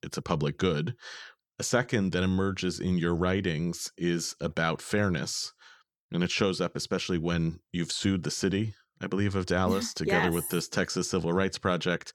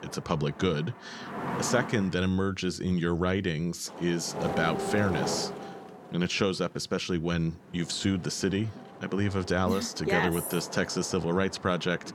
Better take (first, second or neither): first